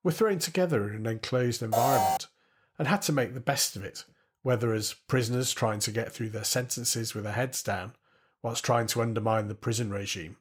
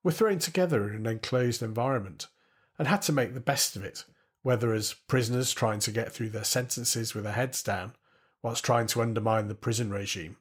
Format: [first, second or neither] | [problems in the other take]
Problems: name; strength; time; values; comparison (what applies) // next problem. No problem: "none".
second | alarm; loud; at 1.5 s; peak 4 dB above the speech